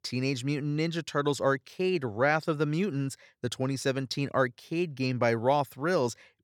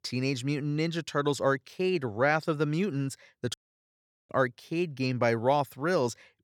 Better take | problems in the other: first | audio cutting out; at 3.5 s for 1 s

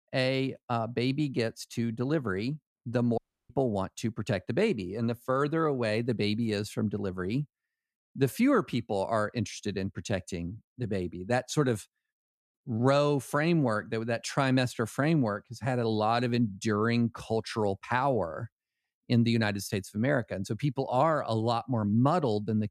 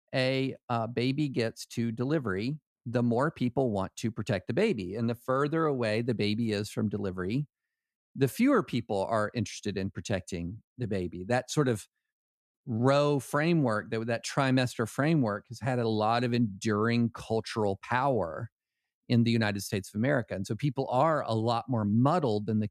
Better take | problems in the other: second | audio cutting out; at 3 s

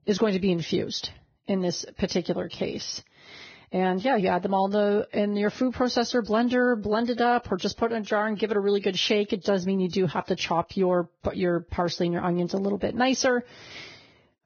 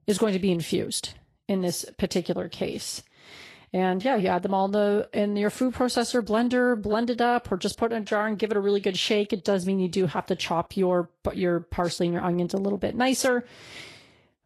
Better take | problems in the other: second | garbled, watery; badly; nothing above 6.5 kHz; slightly in the second

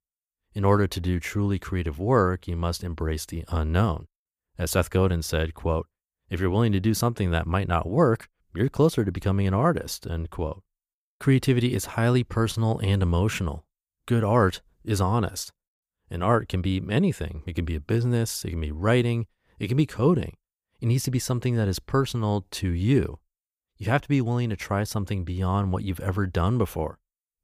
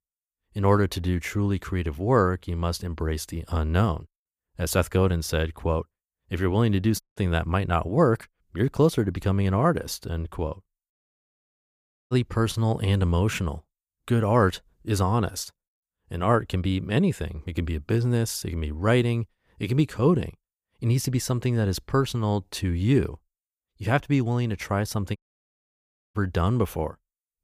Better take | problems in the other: first | audio cutting out; at 7 s, at 11 s for 1 s and at 25 s for 1 s

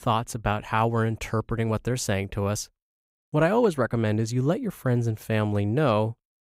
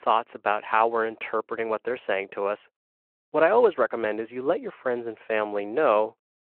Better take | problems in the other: first | phone-call audio

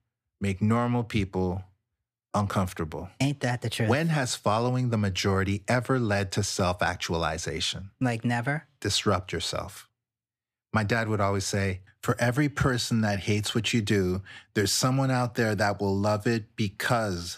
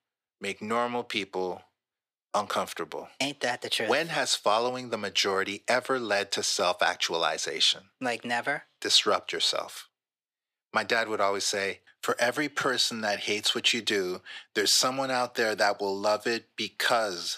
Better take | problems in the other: first | thin; somewhat; fading below 450 Hz

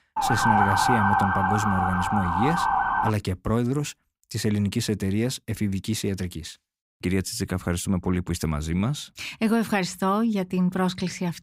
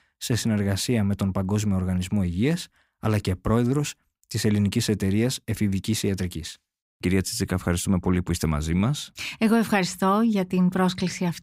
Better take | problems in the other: second | siren; loud; until 3 s; peak 6 dB above the speech

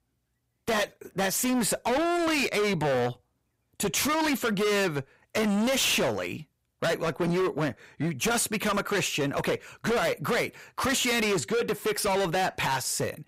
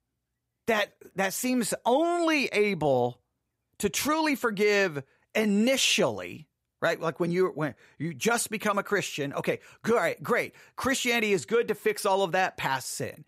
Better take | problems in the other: second | distortion; heavy; 25% of the sound clipped

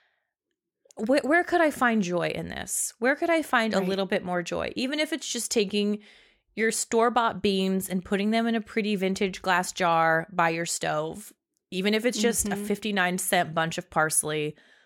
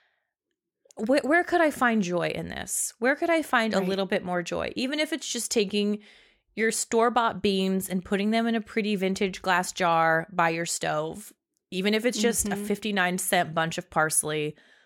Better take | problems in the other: neither | none

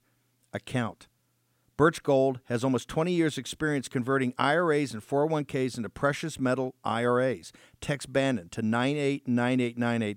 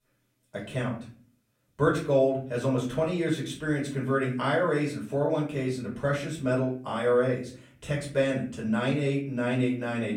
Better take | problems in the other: first | off-mic speech; far // room echo; slight; dies away in 0.4 s

